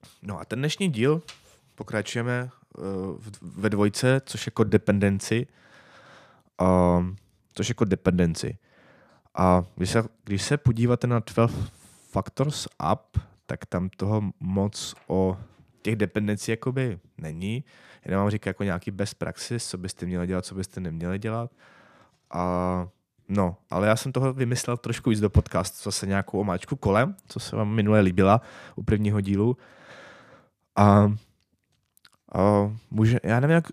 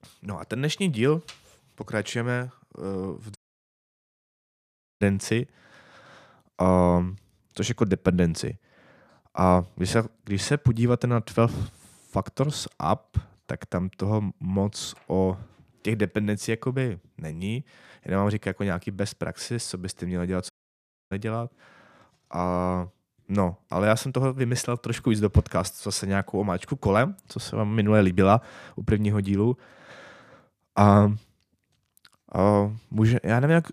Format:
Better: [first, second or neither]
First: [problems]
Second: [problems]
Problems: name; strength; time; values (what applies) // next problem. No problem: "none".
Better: first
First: none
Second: audio cutting out; at 3.5 s for 1.5 s and at 21 s for 0.5 s